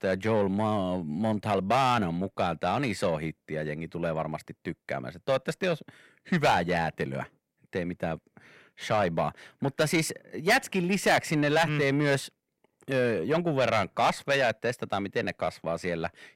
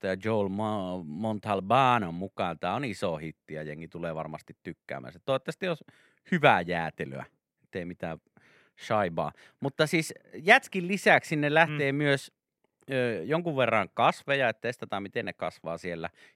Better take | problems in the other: second | distortion; heavy; 6 dB below the speech

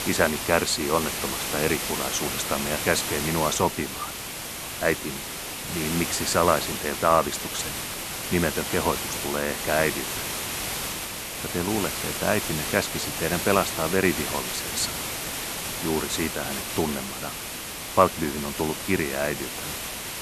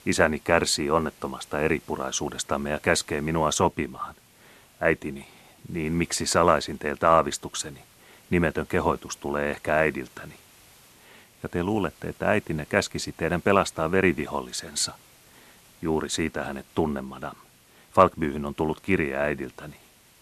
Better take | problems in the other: second | hiss; loud; throughout; 3 dB below the speech; faint in the second

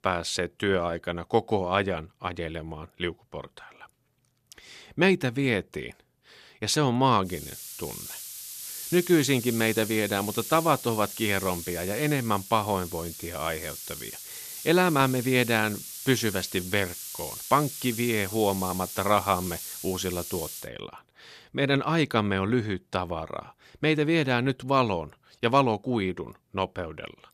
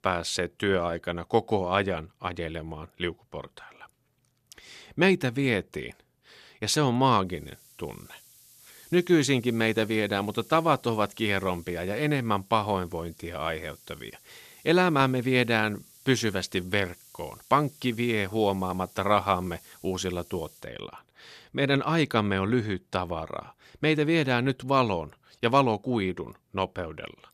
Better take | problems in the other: second | hiss; loud; from 7.5 to 21 s; 10 dB below the speech; faint in the second

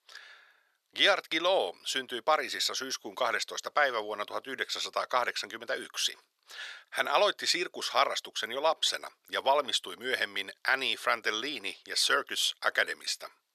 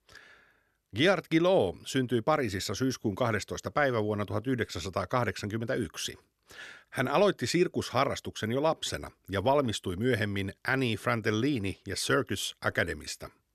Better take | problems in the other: second | thin; very; fading below 750 Hz

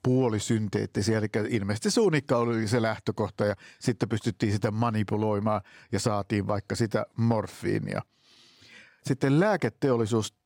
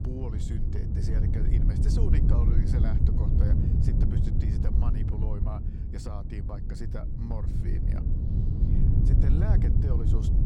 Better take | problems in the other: first | wind noise on the microphone; heavy; 3 dB above the speech

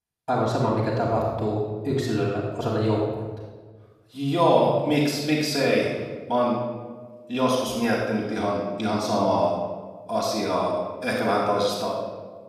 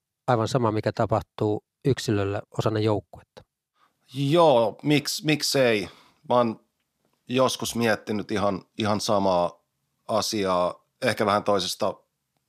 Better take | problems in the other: second | off-mic speech; far // room echo; noticeable; dies away in 1.2 s

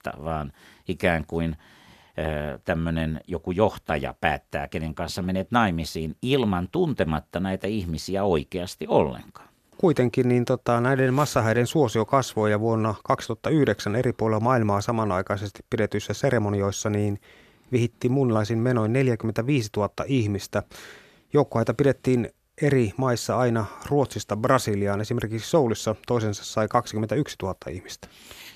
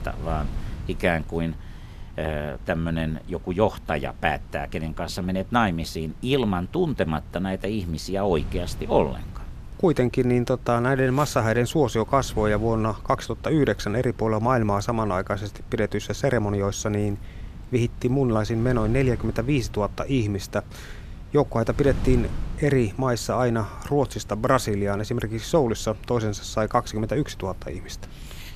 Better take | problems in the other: first | wind noise on the microphone; occasional gusts; 25 dB below the speech

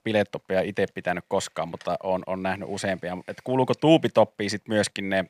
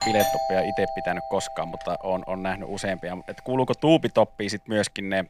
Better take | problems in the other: first | doorbell; loud; until 3 s; peak 2 dB above the speech

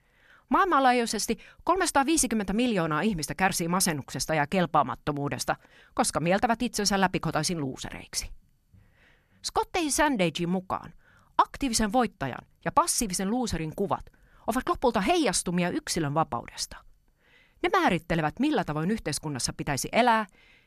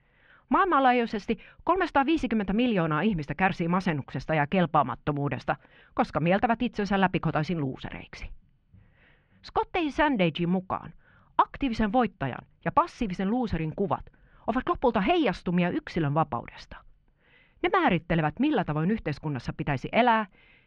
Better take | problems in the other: first | muffled; very; fading above 3 kHz

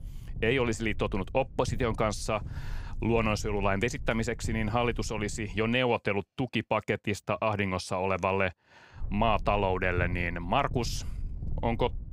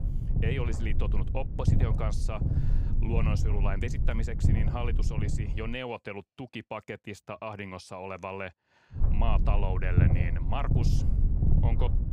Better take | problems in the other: first | low rumble; loud; until 5.5 s and from 9 s on; 4 dB below the speech; faint in the first

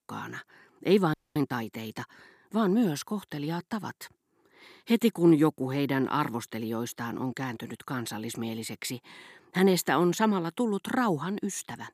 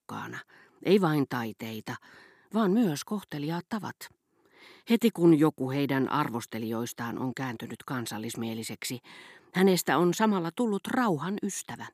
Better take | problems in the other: second | audio freezing; at 1 s

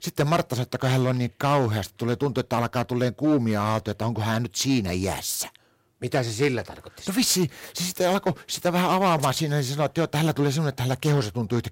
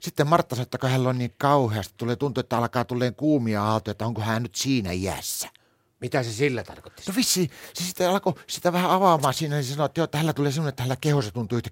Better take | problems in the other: second | distortion; slight; 4% of the sound clipped

